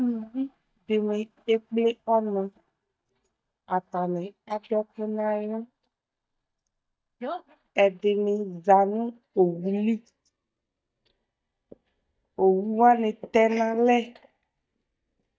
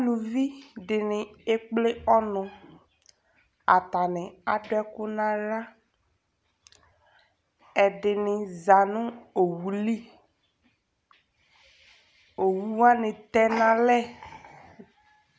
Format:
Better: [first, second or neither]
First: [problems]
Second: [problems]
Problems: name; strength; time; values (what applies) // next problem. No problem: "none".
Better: second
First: noise reduction (neural mask model DeepFilterNet 3)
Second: none